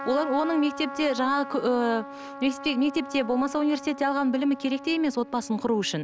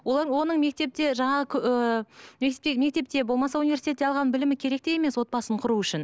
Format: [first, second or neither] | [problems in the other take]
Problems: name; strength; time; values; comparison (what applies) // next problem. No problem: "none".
second | background sound (Trumpet); 13 dB below the speech